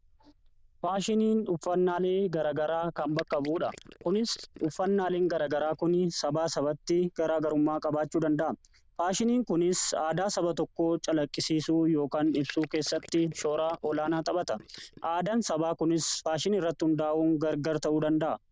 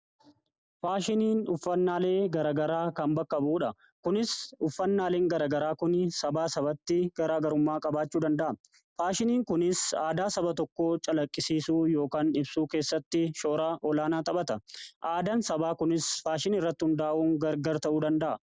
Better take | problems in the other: second | noise reduction (neural diffusion model UNIVERSE++)

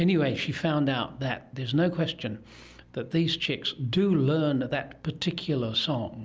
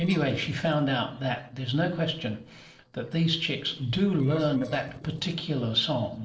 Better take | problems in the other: first | noise reduction (neural separator model SepFormer DNS4)

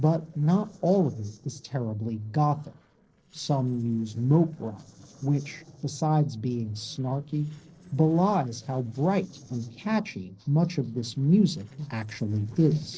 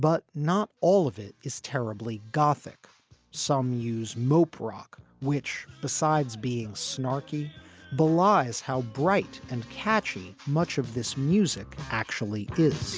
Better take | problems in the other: second | noise reduction (neural separator model SepFormer DNS4)

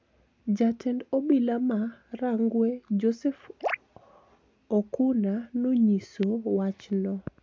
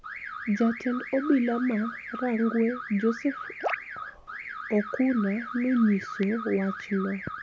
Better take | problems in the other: first | background sound (Alarm / Car); 11 dB below the speech

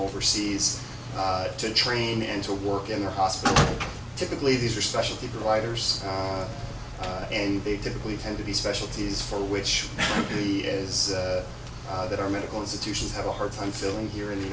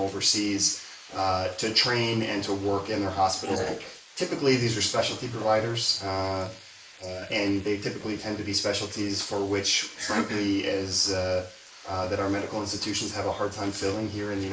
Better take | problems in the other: first | noise reduction (neural mask model Resemble Enhance denoiser)

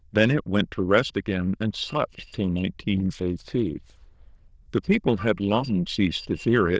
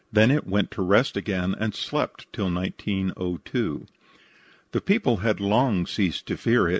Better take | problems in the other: second | noise reduction (neural diffusion model UNIVERSE++)

